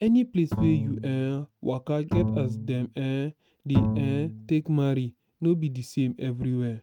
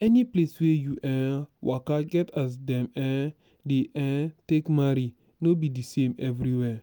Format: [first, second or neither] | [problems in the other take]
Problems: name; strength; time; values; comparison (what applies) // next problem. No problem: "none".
second | noise reduction (neural mask model RNNoise)